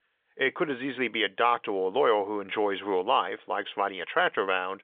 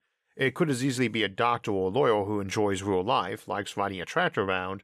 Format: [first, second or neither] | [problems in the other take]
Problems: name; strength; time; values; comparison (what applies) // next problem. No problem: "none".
second | phone-call audio; nothing above 3.5 kHz